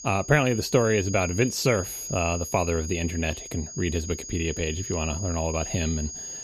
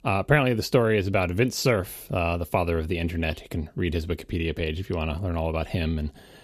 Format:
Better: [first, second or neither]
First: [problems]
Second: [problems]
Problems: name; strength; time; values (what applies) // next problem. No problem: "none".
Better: second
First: high-pitched whine; loud; throughout; 6.5 kHz, 8 dB below the speech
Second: none